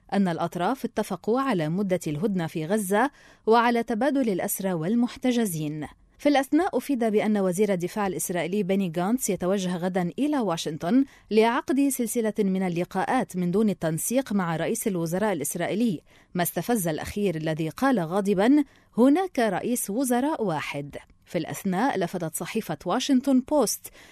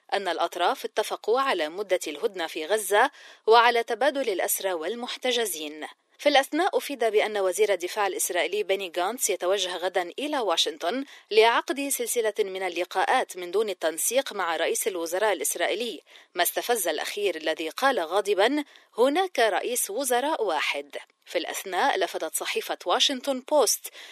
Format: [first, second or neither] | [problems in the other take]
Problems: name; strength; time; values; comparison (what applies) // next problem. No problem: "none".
first | thin; very; fading below 350 Hz